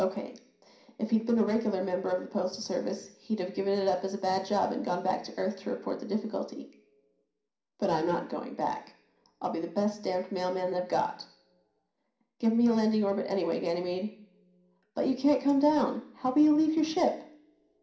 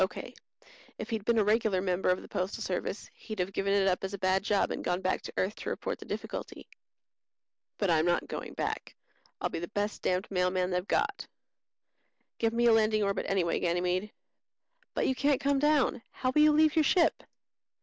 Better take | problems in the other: second | room echo; dies away in 0.5 s

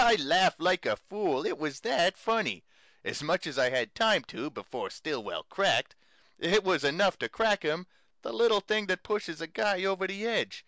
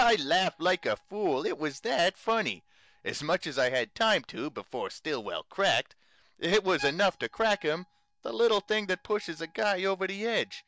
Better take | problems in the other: first | noise reduction (neural mask model DeepFilterNet 3)

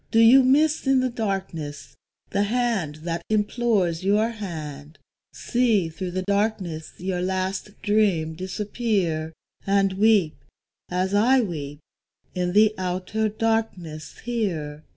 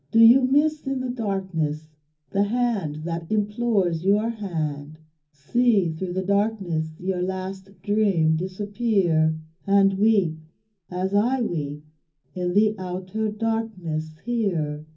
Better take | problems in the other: first | room echo; dies away in 0.4 s

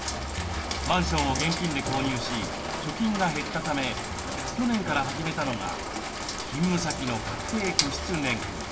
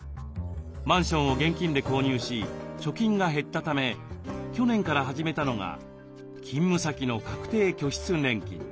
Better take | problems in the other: second | background sound (Rain); 3 dB below the speech // room echo; dies away in 1.5 s

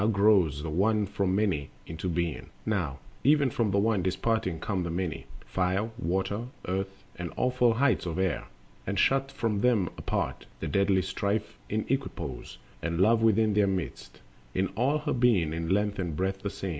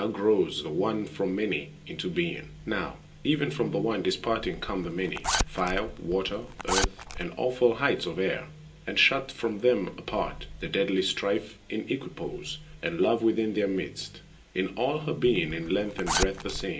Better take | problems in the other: first | background sound (Zipper (clothing)); 4 dB below the speech // room echo; dies away in 0.2 s

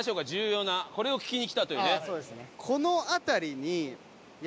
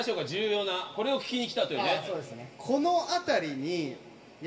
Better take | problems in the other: first | room echo; dies away in 0.8 s

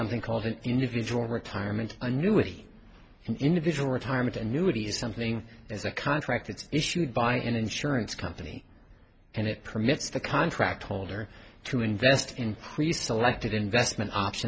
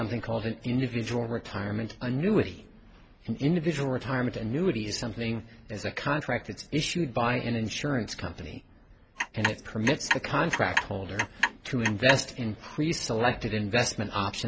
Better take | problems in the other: first | background sound (Clock); 2 dB below the speech

